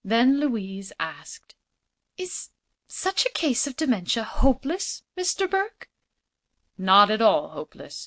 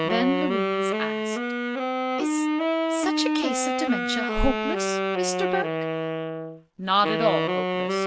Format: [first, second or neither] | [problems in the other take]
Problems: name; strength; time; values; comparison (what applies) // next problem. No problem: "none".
first | background sound (Wind instrument, woodwind instrument); 3 dB above the speech